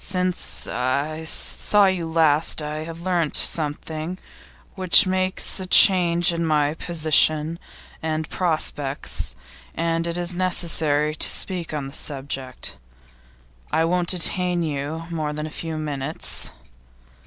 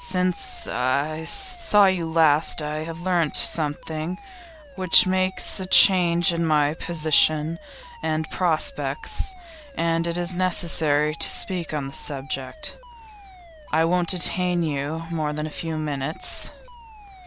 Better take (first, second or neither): first